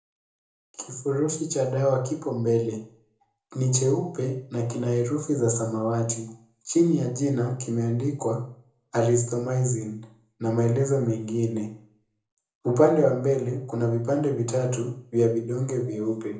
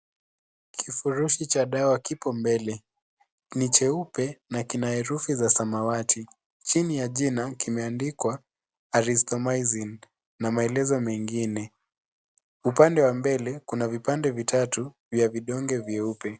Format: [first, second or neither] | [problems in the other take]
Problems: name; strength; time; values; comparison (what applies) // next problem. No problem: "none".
second | room echo; dies away in 0.5 s